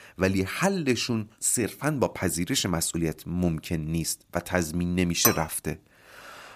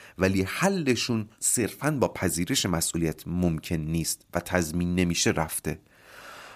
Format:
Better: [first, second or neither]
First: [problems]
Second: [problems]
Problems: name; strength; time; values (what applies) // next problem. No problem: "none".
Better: second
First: clattering dishes; loud; at 5 s; peak 2 dB above the speech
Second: none